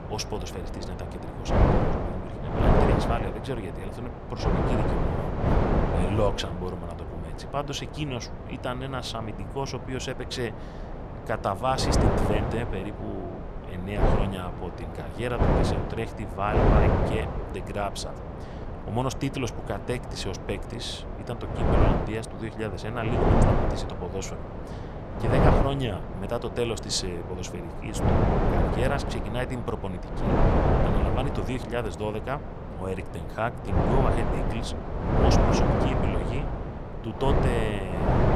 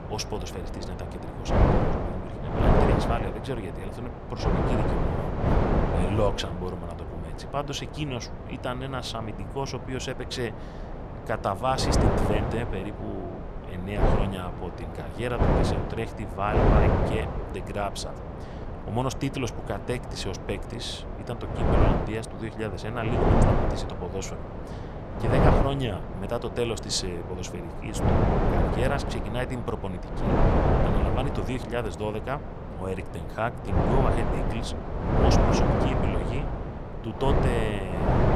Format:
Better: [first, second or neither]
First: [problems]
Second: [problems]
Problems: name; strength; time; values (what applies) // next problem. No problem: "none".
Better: neither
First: wind noise on the microphone; heavy; 2 dB above the speech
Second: wind noise on the microphone; heavy; 2 dB above the speech